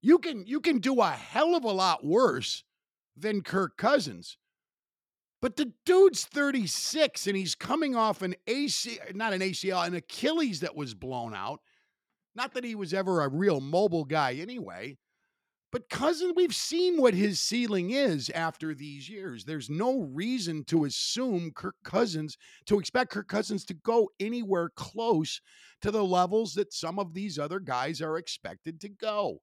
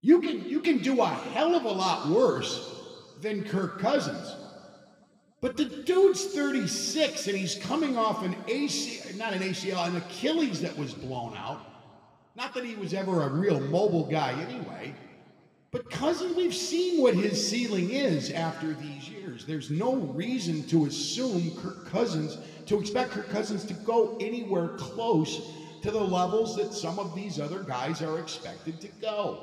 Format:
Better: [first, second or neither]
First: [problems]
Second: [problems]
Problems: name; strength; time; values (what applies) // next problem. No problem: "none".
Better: first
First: none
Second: room echo; slight; dies away in 2.1 s